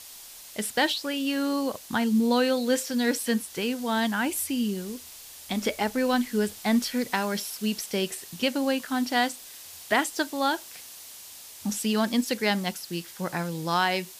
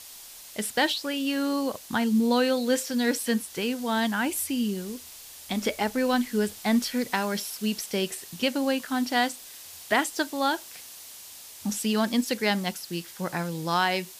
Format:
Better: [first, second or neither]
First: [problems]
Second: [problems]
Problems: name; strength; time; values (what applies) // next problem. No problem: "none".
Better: neither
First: hiss; noticeable; throughout; 15 dB below the speech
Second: hiss; noticeable; throughout; 15 dB below the speech